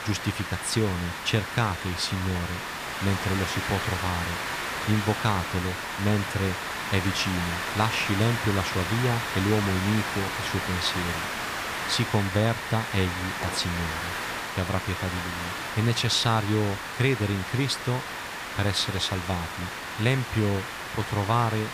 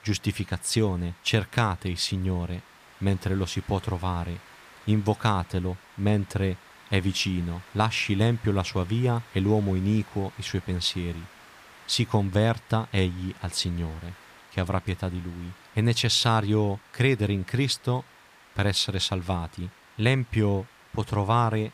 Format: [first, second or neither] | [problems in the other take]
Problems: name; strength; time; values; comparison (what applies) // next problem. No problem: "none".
second | hiss; loud; throughout; 3 dB below the speech; faint in the second